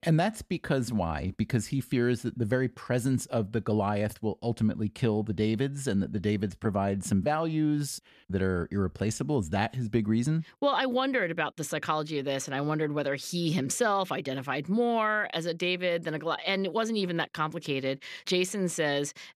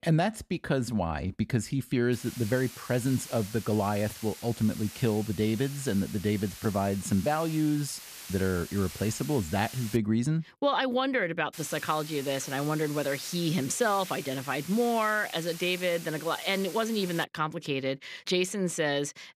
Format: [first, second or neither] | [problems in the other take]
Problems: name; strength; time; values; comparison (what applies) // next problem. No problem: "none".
first | hiss; noticeable; from 2 to 10 s and from 12 to 17 s; 15 dB below the speech